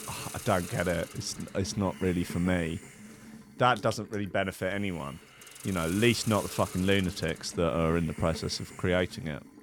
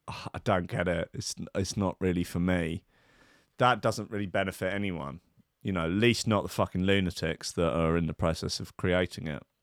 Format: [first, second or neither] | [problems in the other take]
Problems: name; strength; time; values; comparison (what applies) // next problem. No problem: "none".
second | hiss; noticeable; throughout; 15 dB below the speech